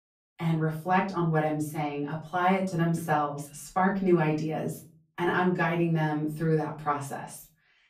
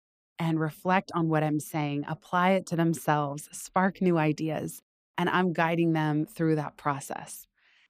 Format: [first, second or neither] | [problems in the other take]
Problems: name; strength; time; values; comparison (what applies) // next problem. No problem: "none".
second | off-mic speech; far // room echo; slight; dies away in 0.3 s